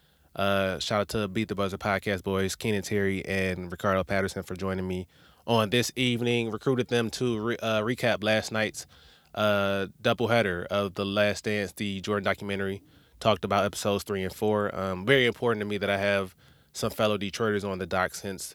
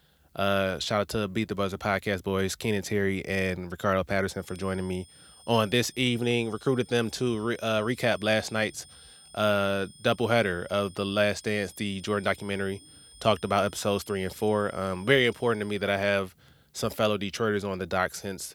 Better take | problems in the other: first | high-pitched whine; faint; from 4.5 to 16 s; 9 kHz, 25 dB below the speech

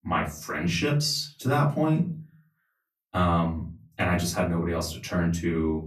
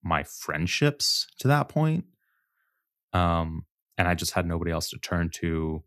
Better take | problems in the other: second | off-mic speech; far // room echo; very slight; dies away in 0.3 s

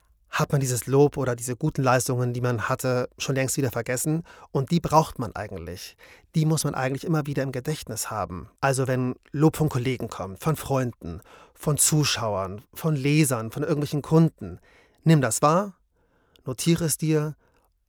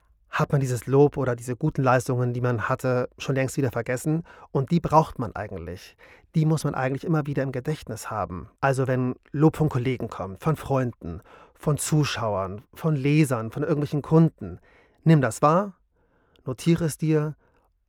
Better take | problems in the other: first | muffled; slightly; fading above 3.5 kHz

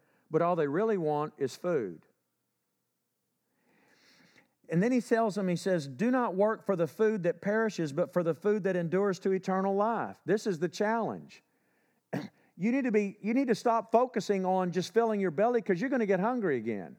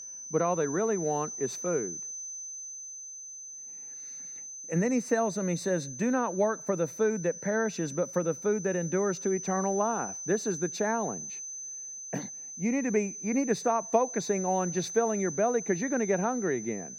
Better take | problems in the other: first | high-pitched whine; loud; throughout; 6 kHz, 8 dB below the speech

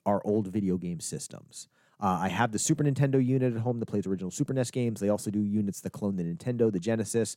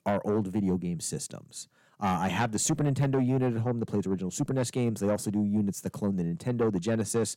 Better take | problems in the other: first | distortion; slight; 10 dB below the speech

